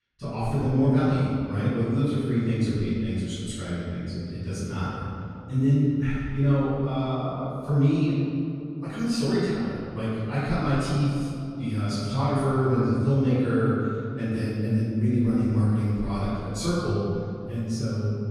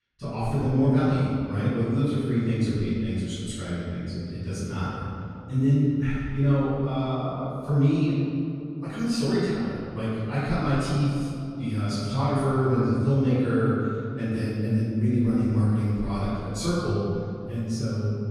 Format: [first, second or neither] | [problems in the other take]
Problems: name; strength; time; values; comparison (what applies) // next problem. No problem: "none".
neither | off-mic speech; far; the same in both // room echo; strong; dies away in 2.6 s; the same in both